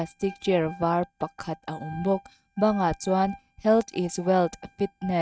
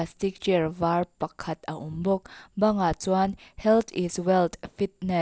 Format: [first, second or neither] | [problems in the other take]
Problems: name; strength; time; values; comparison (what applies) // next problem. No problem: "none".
second | noise reduction (neural mask model RNNoise)